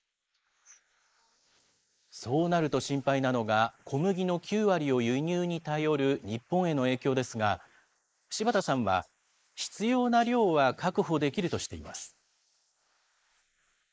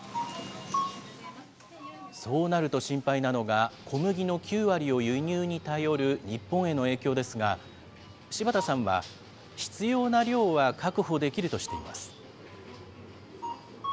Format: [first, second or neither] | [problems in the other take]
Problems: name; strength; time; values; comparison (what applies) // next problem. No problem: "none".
second | noise reduction (neural mask model Resemble Enhance denoiser)